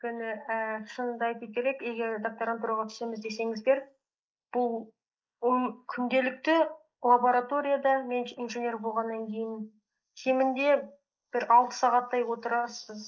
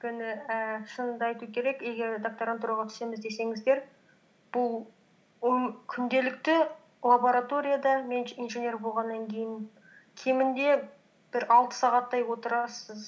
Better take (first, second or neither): second